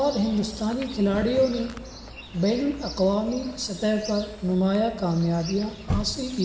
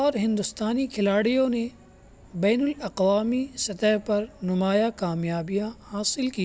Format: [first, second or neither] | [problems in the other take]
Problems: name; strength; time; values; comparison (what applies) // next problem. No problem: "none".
second | background sound (Chirp, tweet); 12 dB below the speech // room echo; dies away in 1.6 s